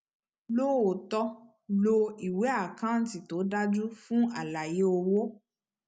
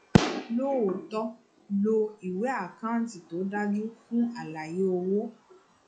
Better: first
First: none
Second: noise reduction (classical method log-MMSE)

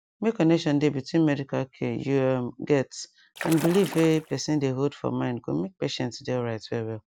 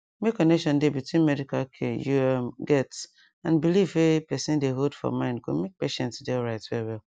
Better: second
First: background sound (Splash, splatter); 11 dB below the speech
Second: none

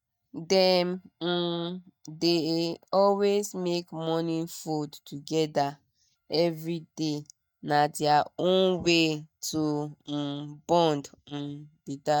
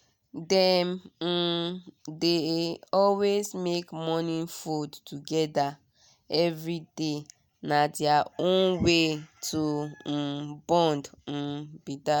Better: second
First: noise reduction (neural mask model DeepFilterNet 3)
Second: none

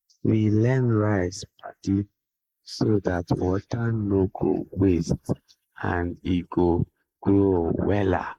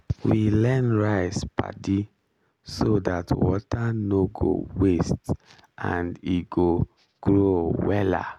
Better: second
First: noise reduction (neural mask model Resemble Enhance denoiser)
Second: none

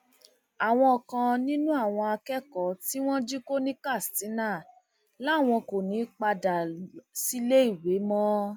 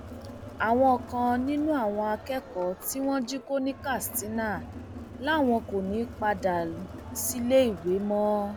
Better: first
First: none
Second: background sound (Crowd); 14 dB below the speech

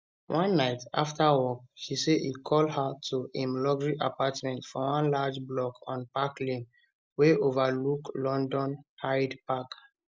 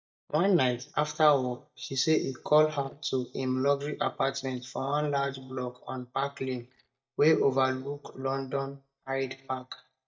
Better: first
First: none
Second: noise reduction (neural mask model DeepFilterNet 3)

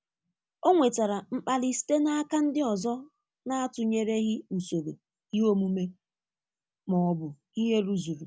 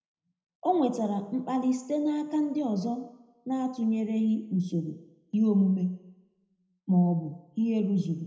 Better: first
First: none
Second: room echo; dies away in 0.7 s

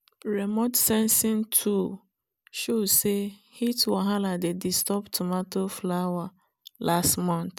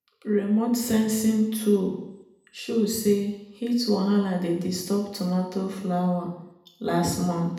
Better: first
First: none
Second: room echo; dies away in 0.8 s

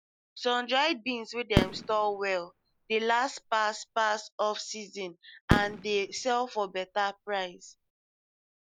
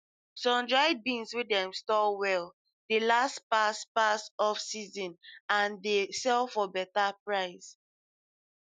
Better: second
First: background sound (Fireworks); 4 dB below the speech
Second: none

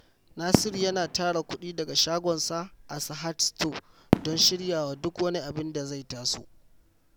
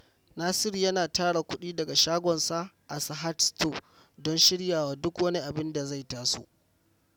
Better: second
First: background sound (Fireworks); 5 dB below the speech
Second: none

